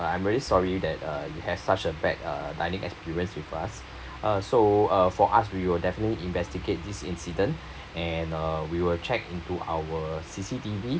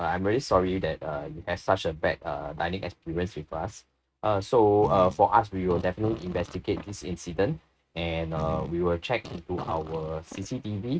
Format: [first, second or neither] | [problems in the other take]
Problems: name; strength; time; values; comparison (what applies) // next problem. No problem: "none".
first | noise reduction (neural mask model RNNoise)